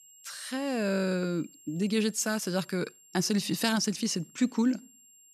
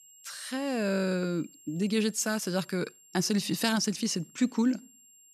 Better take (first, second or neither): neither